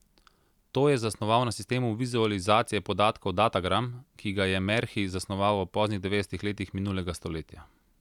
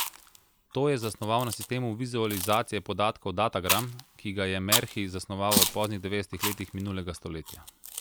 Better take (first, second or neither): first